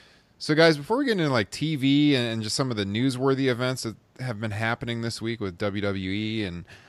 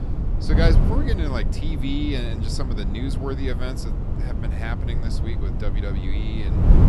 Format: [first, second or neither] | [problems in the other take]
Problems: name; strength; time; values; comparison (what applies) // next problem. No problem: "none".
first | wind noise on the microphone; heavy; 4 dB below the speech